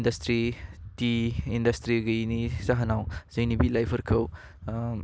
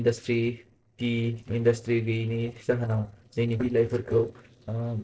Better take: first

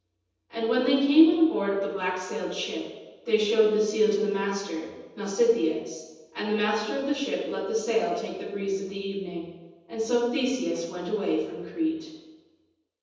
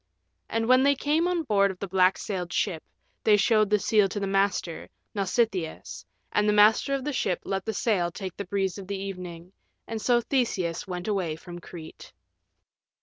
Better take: second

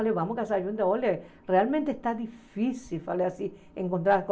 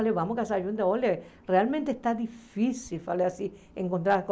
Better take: second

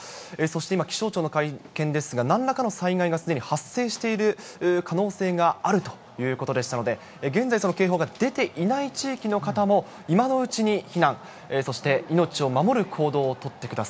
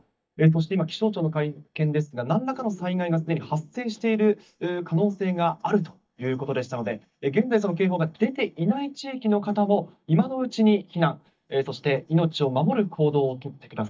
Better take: first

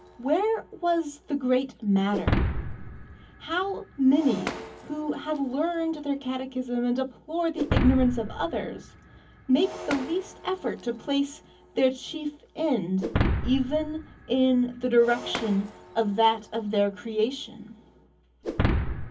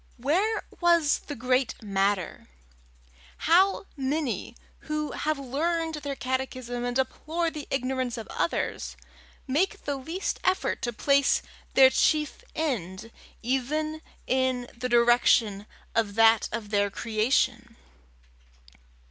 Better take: second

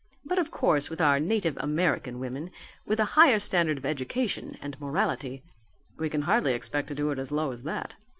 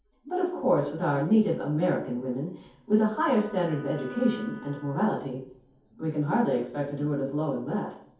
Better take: first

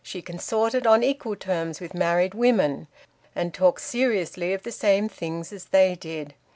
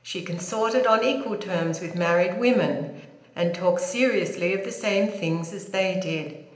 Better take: first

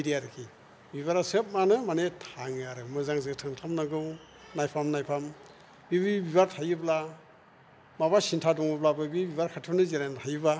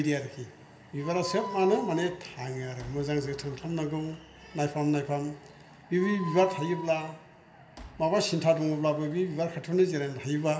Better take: first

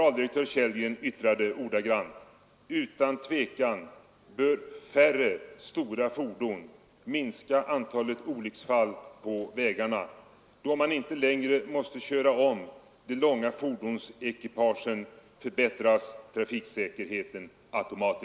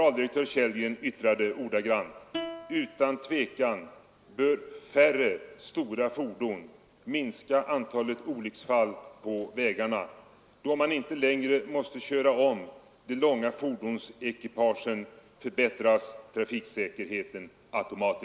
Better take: first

